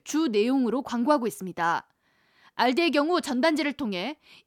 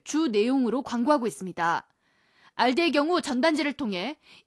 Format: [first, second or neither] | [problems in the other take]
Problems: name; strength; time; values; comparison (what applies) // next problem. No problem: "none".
first | garbled, watery; slightly